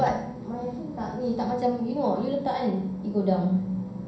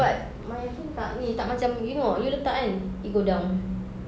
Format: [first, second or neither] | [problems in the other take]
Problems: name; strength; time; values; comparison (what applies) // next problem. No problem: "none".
second | background sound (Bowed string instrument); 19 dB below the speech // room echo; dies away in 0.5 s